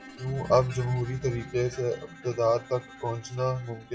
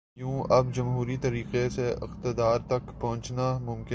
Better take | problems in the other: second | noise reduction (classical method log-MMSE)

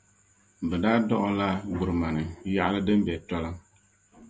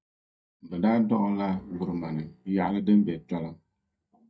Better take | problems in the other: first | noise reduction (neural mask model DeepFilterNet 3)

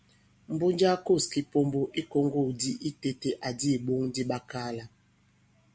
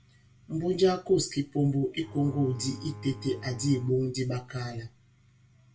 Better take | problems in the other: first | background sound (Bowed string instrument); 14 dB below the speech // room echo; dies away in 0.2 s

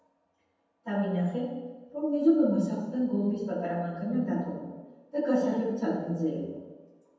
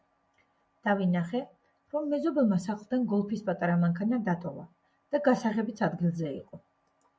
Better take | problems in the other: second | room echo; dies away in 1.1 s

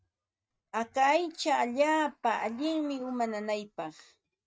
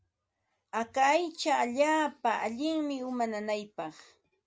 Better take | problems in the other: second | noise reduction (neural mask model RNNoise)

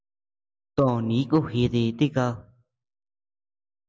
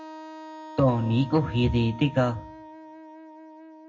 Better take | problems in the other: first | background sound (Wind instrument, woodwind instrument); 16 dB below the speech // room echo; dies away in 0.3 s

